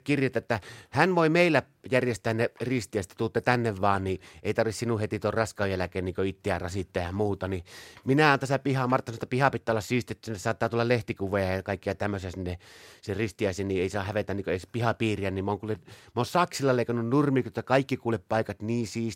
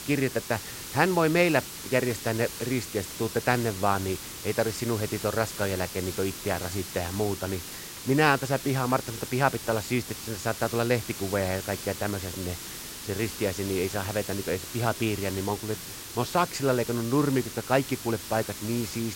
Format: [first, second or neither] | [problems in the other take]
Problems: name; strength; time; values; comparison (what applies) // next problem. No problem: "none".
first | hiss; loud; throughout; 8 dB below the speech